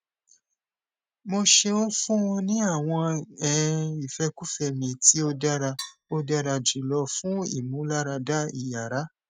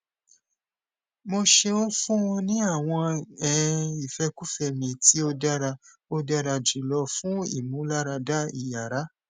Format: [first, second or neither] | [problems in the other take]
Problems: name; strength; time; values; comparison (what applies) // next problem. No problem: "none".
second | noise reduction (neural mask model RNNoise)